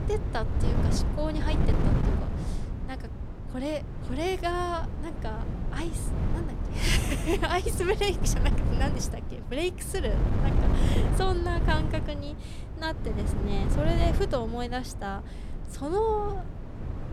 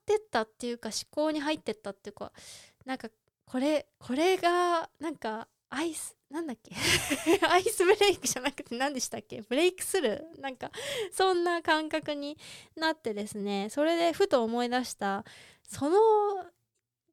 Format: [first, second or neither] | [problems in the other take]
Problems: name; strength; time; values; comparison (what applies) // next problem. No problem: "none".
second | wind noise on the microphone; heavy; 8 dB below the speech